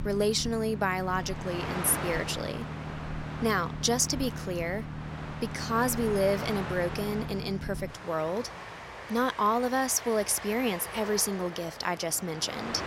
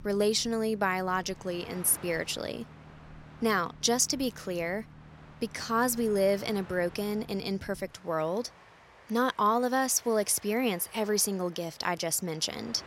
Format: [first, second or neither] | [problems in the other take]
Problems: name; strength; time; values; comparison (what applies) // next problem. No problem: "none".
second | train or aircraft noise; loud; throughout; 9 dB below the speech; faint in the second